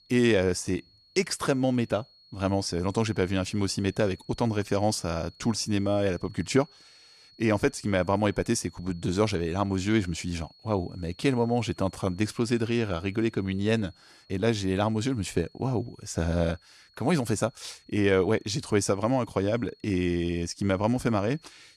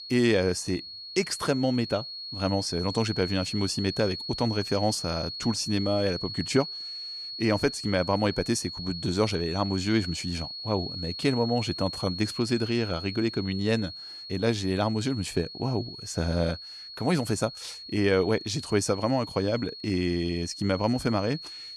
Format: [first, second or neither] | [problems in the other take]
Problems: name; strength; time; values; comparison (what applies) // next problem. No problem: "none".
first | high-pitched whine; loud; throughout; 4.5 kHz, 8 dB below the speech; faint in the first